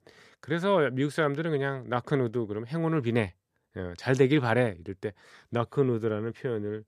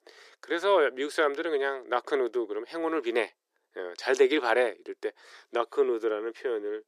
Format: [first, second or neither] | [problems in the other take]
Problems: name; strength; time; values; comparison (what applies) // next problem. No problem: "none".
first | thin; very; fading below 350 Hz